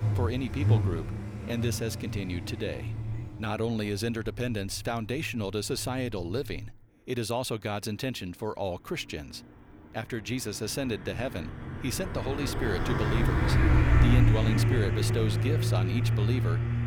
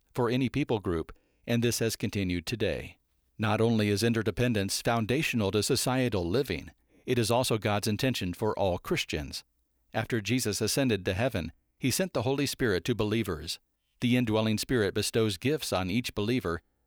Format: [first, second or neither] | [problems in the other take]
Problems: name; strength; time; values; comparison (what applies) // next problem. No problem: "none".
second | traffic noise; very loud; throughout; 5 dB above the speech